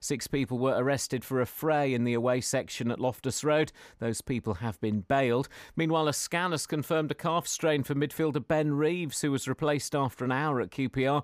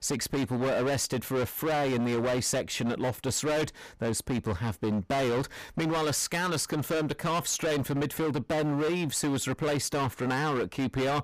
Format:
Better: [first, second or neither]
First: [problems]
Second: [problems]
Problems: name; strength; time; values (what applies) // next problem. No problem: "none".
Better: first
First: none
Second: distortion; heavy; 28% of the sound clipped